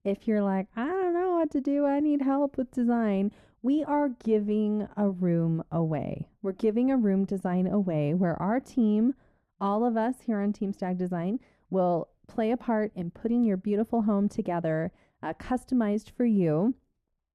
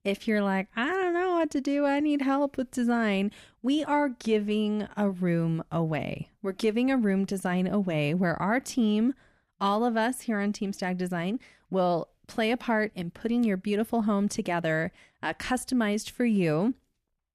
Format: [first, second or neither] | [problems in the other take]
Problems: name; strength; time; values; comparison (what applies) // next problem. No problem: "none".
second | muffled; slightly; fading above 1.5 kHz